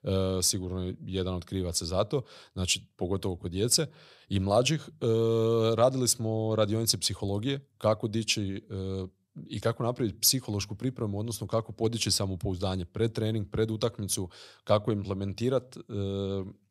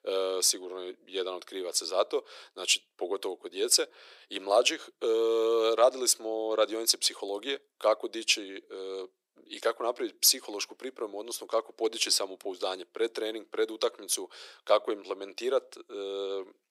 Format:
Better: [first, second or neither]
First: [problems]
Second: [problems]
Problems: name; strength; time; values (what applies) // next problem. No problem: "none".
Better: first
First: none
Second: thin; very; fading below 350 Hz